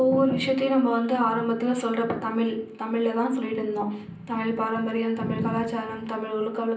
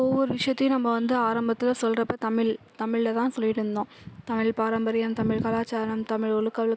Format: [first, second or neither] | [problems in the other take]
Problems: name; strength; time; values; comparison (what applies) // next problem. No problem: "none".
second | room echo; dies away in 0.6 s